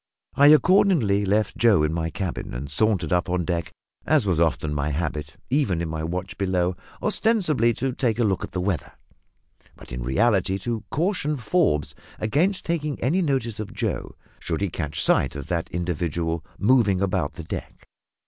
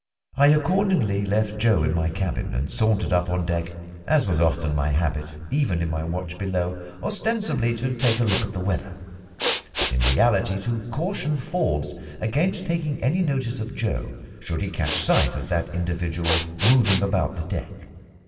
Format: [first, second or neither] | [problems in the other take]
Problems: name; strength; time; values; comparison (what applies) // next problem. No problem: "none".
first | background sound (Respiratory sounds); 8 dB below the speech // room echo; dies away in 1.9 s